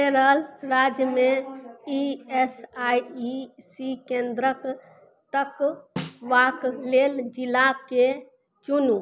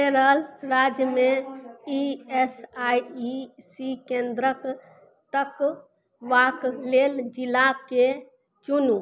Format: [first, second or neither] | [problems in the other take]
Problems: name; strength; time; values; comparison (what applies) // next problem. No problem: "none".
second | background sound (Snare drum); 14 dB below the speech